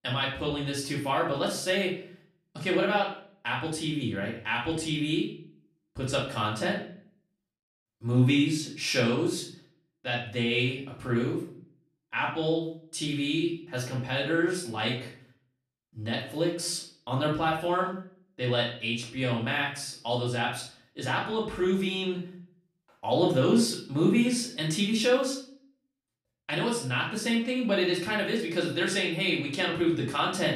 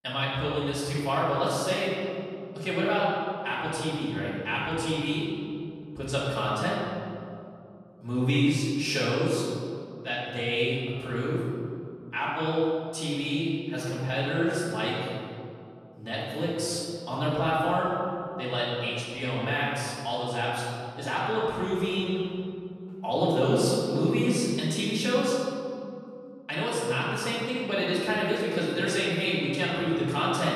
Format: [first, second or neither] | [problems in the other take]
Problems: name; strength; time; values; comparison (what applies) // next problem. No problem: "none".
first | room echo; strong; dies away in 2.3 s; slight in the first // off-mic speech; far; far in the first